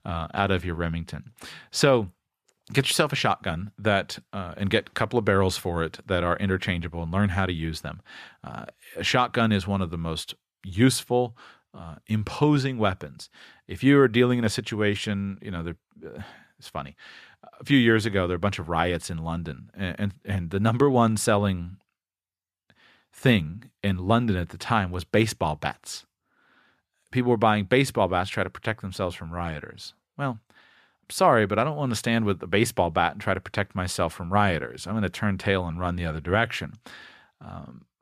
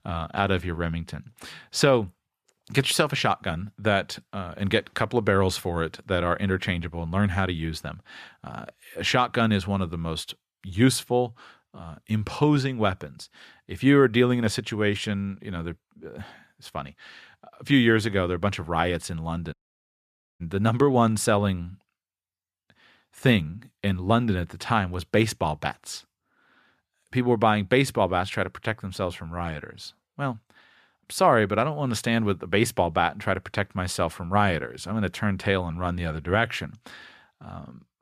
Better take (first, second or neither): first